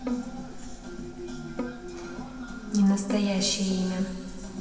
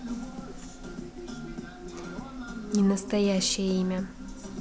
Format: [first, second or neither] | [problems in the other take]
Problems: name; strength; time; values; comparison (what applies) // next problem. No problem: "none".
second | background sound (Bowed string instrument); 12 dB below the speech // room echo; dies away in 2.9 s